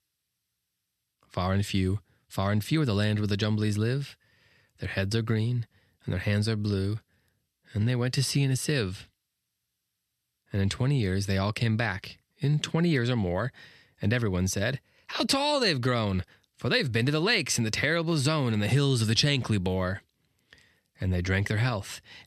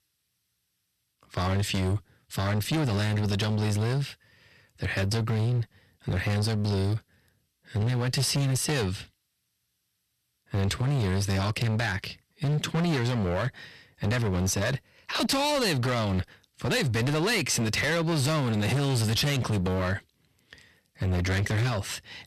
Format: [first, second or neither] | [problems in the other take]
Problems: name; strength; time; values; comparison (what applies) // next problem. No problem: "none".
first | distortion; heavy; 22% of the sound clipped